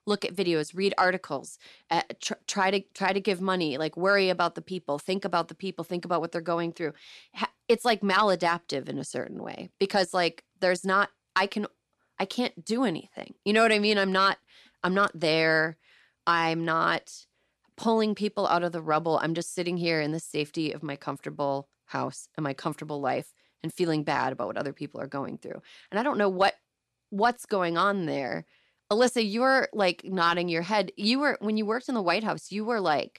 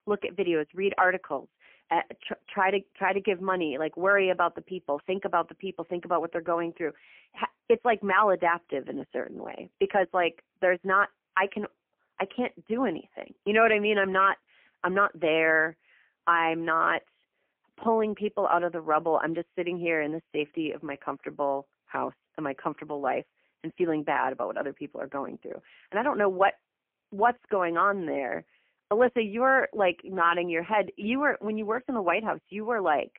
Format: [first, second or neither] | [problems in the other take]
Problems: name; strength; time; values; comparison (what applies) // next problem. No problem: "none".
first | phone-call audio; poor line; nothing above 3 kHz